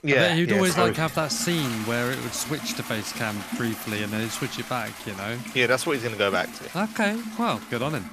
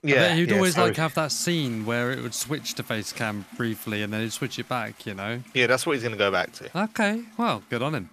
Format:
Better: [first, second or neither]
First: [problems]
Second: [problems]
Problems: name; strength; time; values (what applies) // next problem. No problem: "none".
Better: second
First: household noises; loud; throughout; 10 dB below the speech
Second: household noises; faint; throughout; 25 dB below the speech